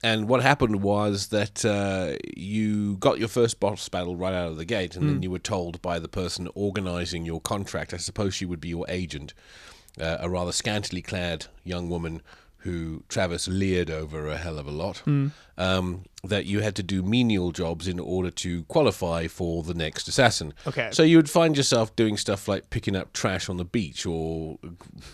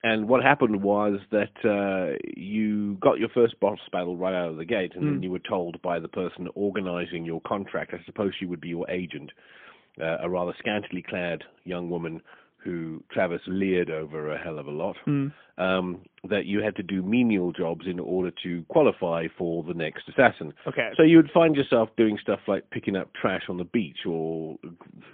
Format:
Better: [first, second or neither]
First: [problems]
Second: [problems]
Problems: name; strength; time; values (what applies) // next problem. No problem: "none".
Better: first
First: none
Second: phone-call audio; poor line; nothing above 3.5 kHz